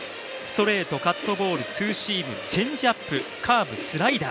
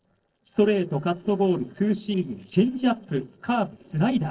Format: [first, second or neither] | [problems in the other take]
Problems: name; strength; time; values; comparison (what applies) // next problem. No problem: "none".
first | noise reduction (neural separator model SepFormer DNS4)